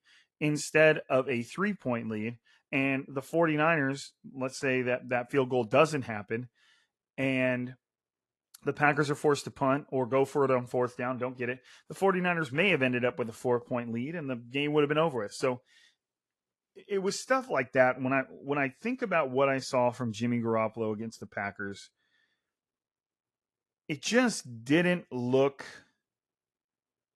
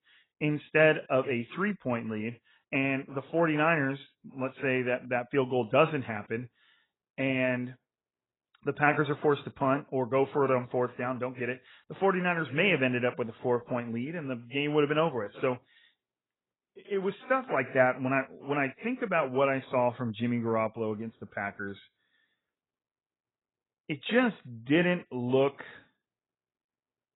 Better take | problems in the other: first | garbled, watery; badly; slightly in the first

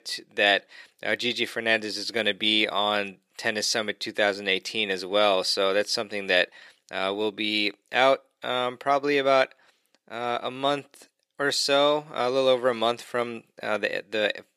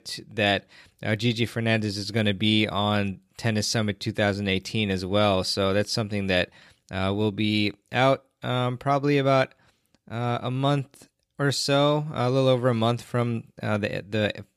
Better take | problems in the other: second | thin; somewhat; fading below 450 Hz

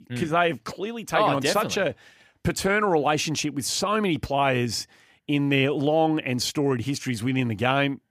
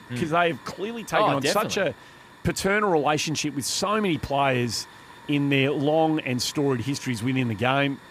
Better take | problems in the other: first | hiss; faint; throughout; 20 dB below the speech

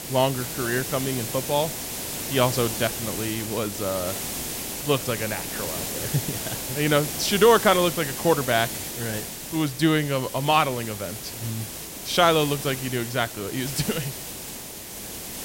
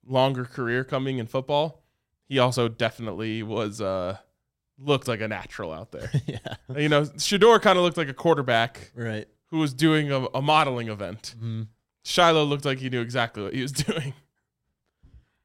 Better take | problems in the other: second | hiss; loud; throughout; 6 dB below the speech

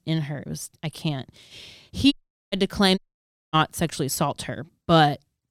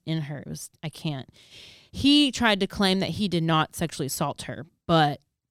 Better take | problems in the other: second | audio cutting out; at 2 s and at 3 s for 0.5 s

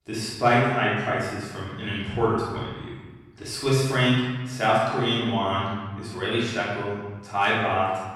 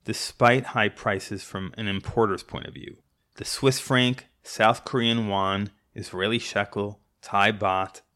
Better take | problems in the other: second | off-mic speech; far // room echo; strong; dies away in 1.2 s

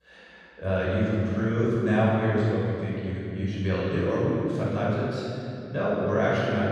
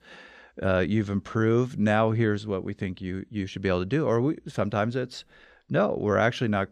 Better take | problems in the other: second | off-mic speech; far // room echo; strong; dies away in 2.6 s

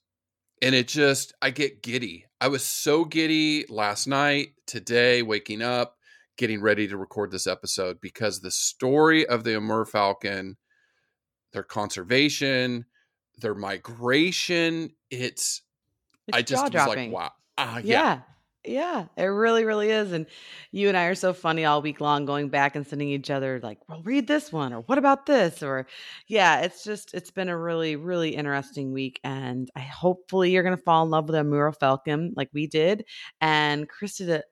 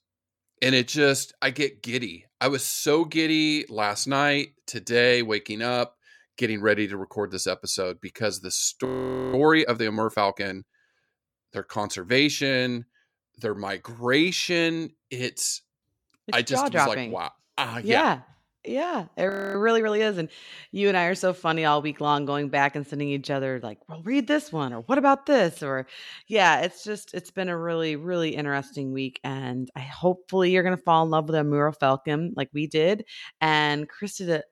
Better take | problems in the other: first | audio freezing; at 9 s and at 19 s

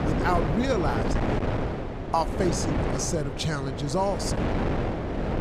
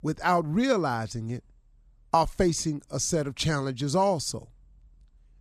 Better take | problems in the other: second | wind noise on the microphone; heavy; 3 dB below the speech

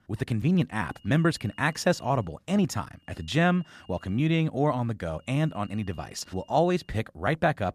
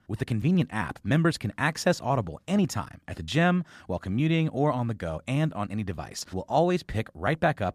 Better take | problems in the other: second | high-pitched whine; faint; from 1 to 2 s, from 3 to 4 s and from 5.5 to 7 s; 3 kHz, 30 dB below the speech

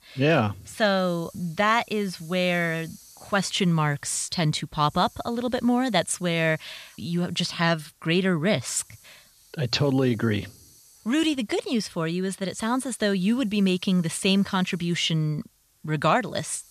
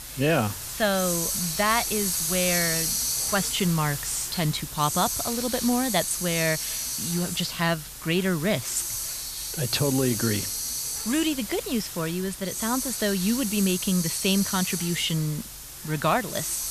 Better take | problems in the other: first | hiss; loud; throughout; 2 dB below the speech; faint in the first

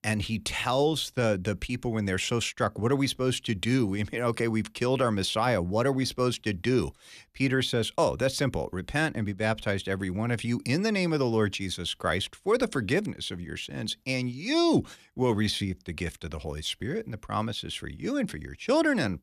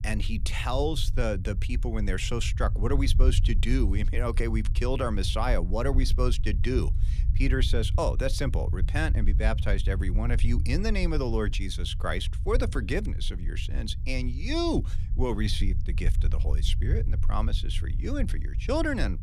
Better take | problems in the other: first | low rumble; noticeable; throughout; 15 dB below the speech

